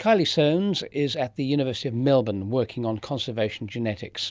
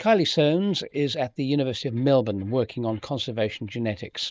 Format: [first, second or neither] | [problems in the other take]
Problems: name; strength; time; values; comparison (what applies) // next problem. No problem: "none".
first | noise reduction (neural mask model Resemble Enhance denoiser)